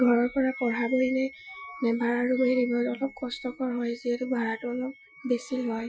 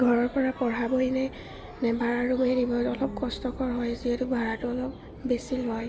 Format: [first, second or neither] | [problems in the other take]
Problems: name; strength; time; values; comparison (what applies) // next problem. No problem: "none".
second | noise reduction (classical method Wiener filter)